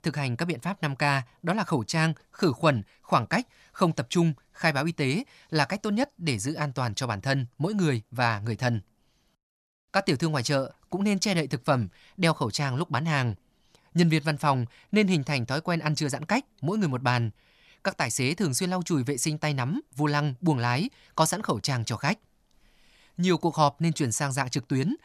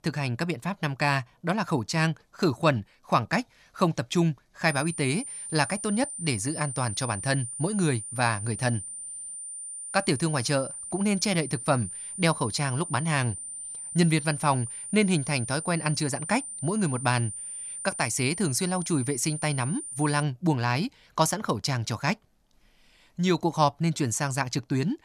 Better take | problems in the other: first | high-pitched whine; loud; from 4.5 to 20 s; 9 kHz, 8 dB below the speech

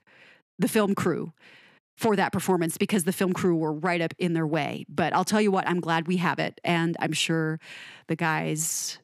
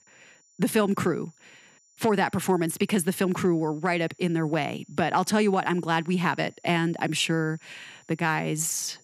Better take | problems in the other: first | high-pitched whine; faint; throughout; 7 kHz, 30 dB below the speech

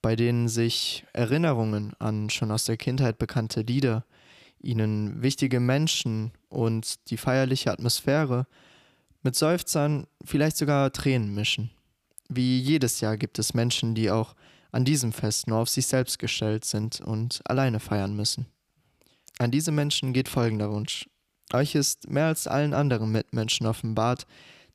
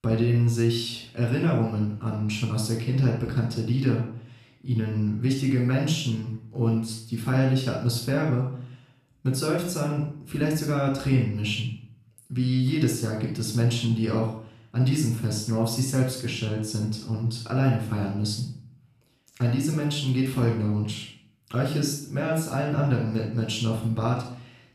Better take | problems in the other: first | off-mic speech; far // room echo; noticeable; dies away in 0.5 s

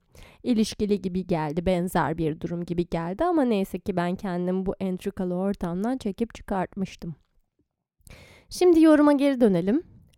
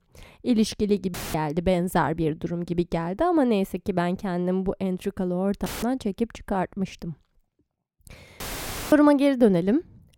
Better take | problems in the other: first | audio cutting out; filled with static; at 1 s, at 5.5 s and at 8.5 s for 0.5 s

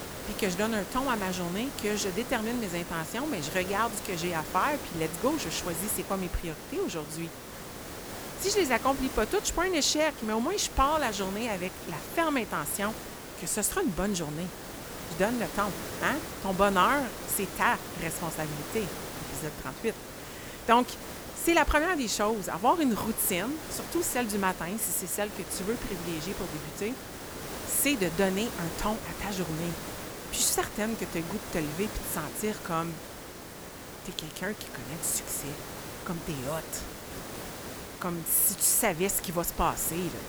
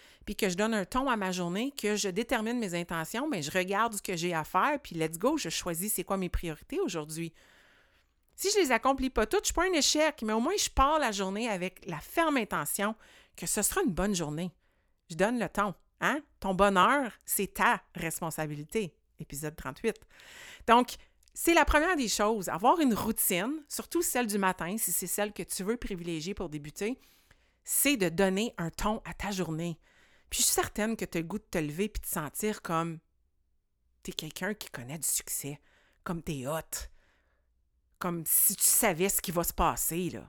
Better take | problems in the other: second | hiss; loud; throughout; 10 dB below the speech

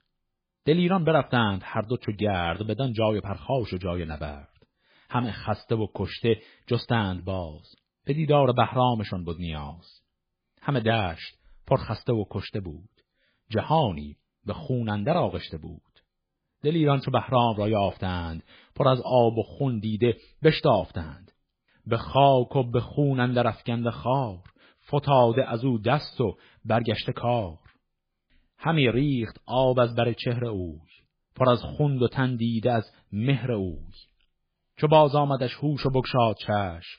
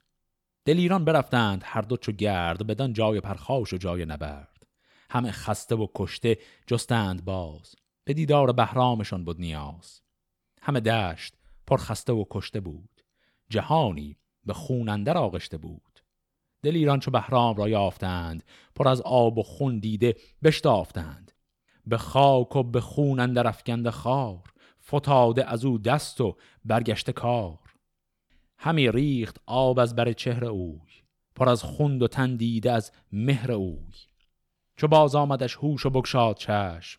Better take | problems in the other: second | garbled, watery; badly; nothing above 5 kHz

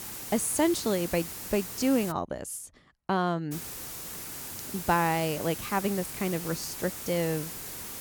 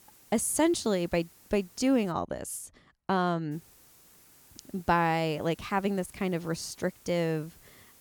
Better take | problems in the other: second | hiss; loud; until 2 s and from 3.5 s on; 7 dB below the speech; faint in the second

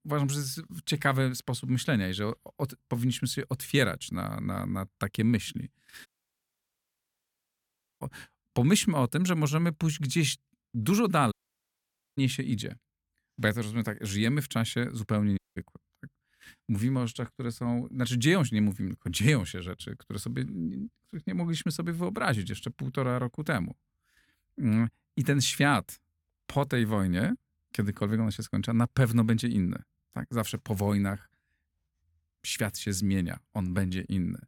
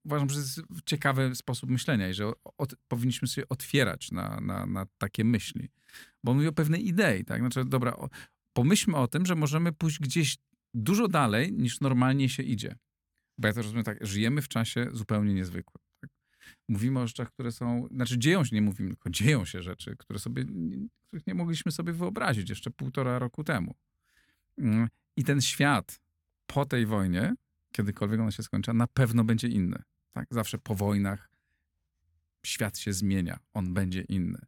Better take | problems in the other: second | audio cutting out; at 6 s for 2 s, at 11 s for 1 s and at 15 s

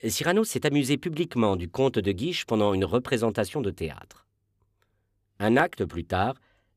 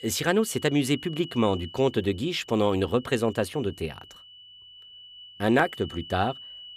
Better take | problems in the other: first | high-pitched whine; noticeable; throughout; 3 kHz, 15 dB below the speech

